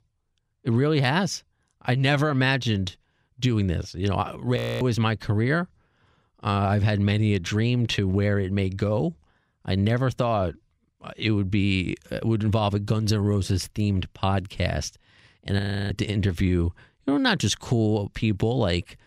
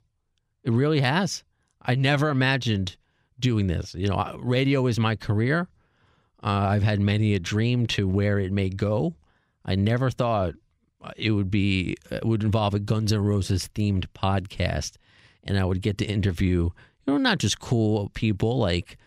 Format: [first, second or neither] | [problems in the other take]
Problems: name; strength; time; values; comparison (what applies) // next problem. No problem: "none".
second | audio freezing; at 4.5 s and at 16 s